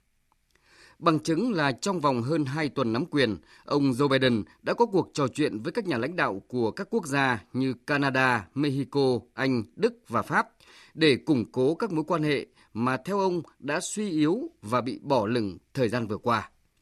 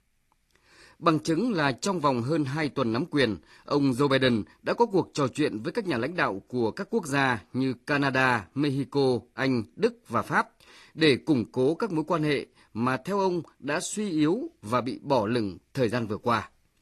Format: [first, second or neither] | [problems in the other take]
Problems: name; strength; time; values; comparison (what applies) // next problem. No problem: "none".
first | garbled, watery; slightly; nothing above 13.5 kHz